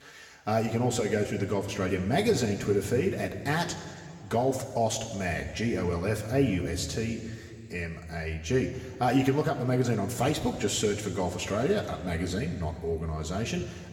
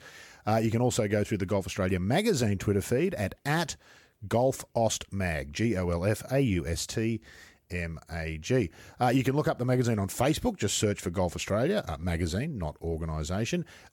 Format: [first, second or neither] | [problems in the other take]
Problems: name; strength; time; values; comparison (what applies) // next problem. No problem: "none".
second | room echo; slight; dies away in 2.1 s